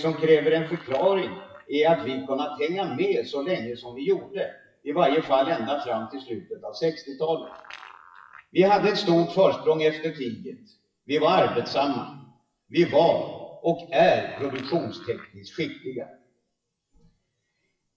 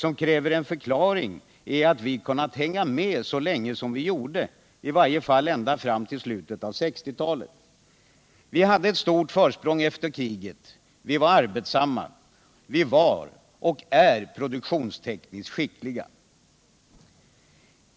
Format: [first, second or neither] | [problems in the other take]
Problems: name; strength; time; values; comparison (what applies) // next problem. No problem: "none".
second | noise reduction (classical method WPE with log-MMSE)